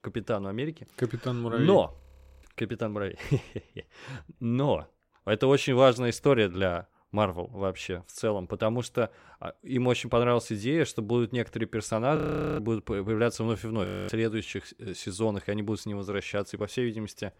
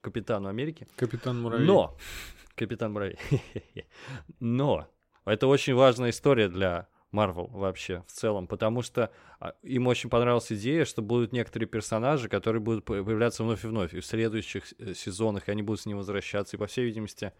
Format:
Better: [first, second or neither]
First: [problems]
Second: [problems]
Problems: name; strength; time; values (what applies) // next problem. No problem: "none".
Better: second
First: audio freezing; at 2 s, at 12 s and at 14 s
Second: none